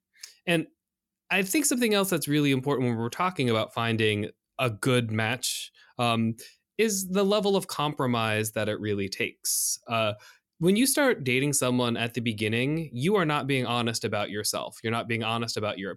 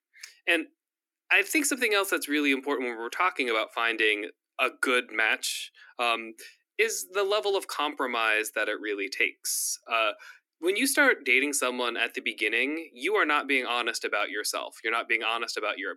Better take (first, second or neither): first